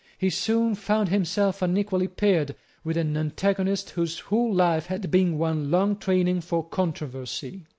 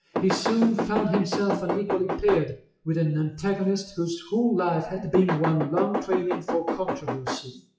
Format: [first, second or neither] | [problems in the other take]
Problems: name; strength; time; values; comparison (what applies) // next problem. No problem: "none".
first | noise reduction (classical method WPE with log-MMSE)